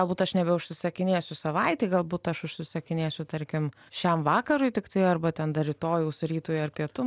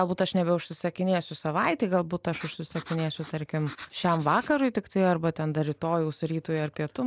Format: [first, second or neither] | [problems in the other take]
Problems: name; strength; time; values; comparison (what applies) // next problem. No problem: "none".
first | noise reduction (neural mask model Resemble Enhance denoiser)